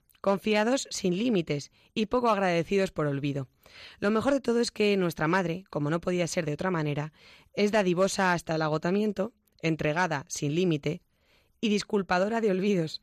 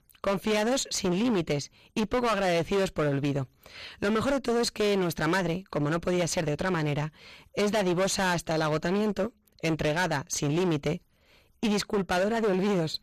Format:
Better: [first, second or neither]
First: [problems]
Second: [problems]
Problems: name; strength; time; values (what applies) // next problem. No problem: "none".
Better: first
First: none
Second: distortion; heavy; 19% of the sound clipped